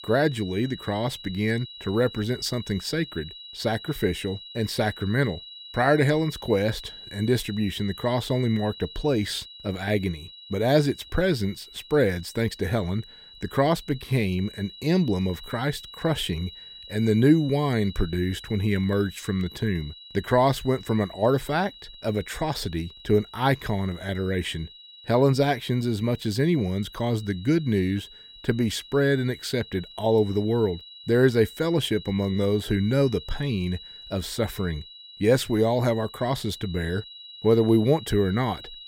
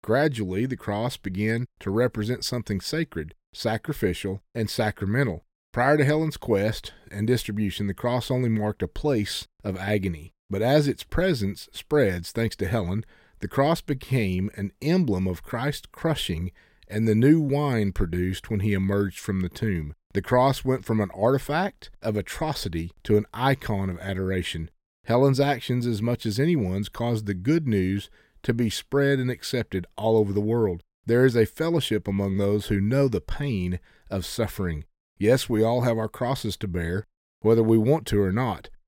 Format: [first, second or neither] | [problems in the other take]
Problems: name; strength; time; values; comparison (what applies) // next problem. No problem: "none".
second | high-pitched whine; noticeable; throughout; 4 kHz, 15 dB below the speech